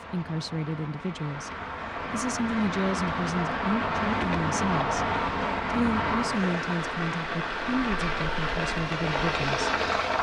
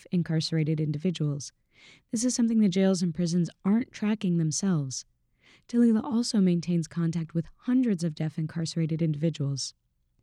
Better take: second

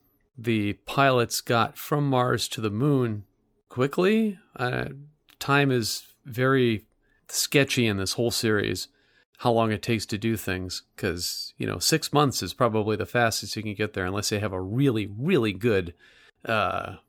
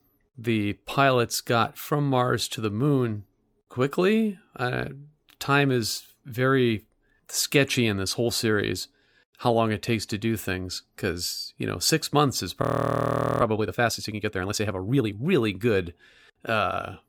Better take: first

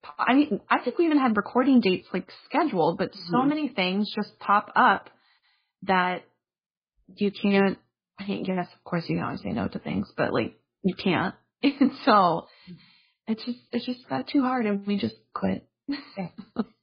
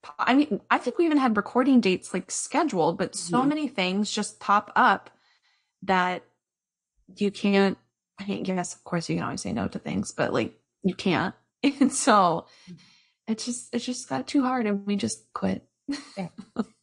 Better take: second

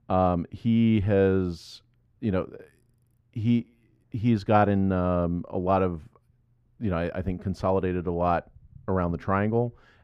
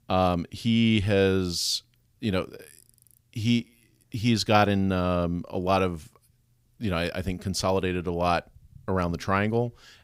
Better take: second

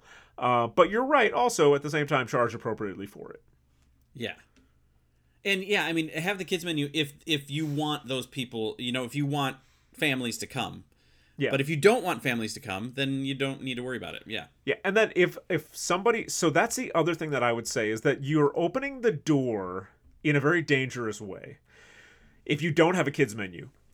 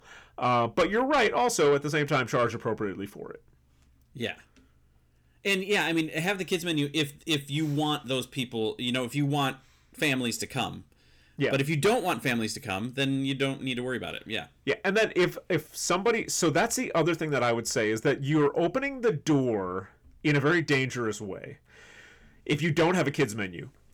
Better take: first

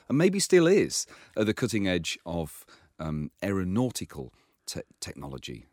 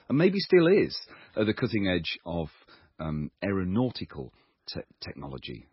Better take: first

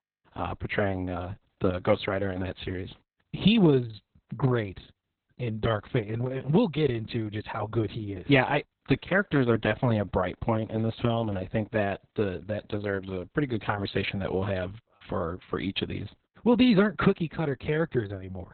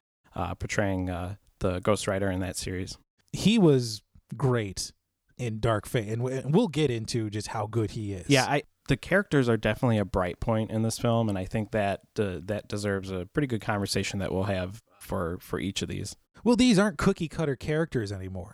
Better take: second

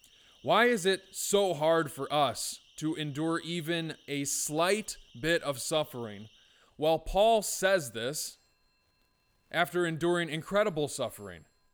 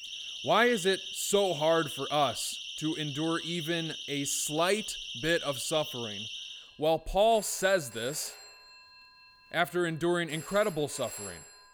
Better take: first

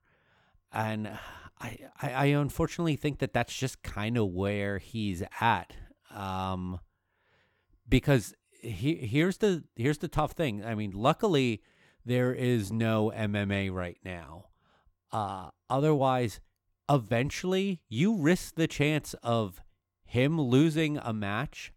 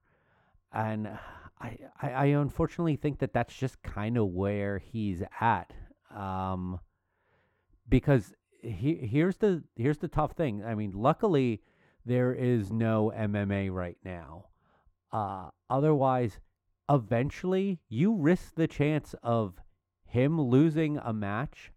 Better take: first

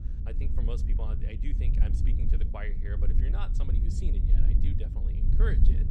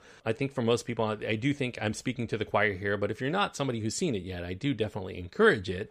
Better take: second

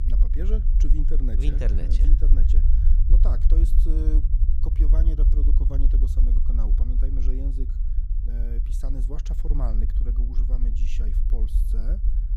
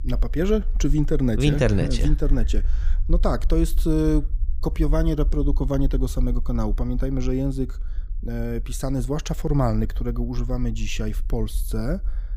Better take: second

